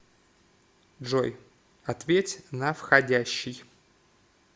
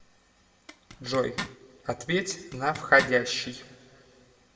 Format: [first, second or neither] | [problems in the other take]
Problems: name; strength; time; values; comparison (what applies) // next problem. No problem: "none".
first | background sound (Zipper (clothing)); 12 dB below the speech // room echo; dies away in 1.4 s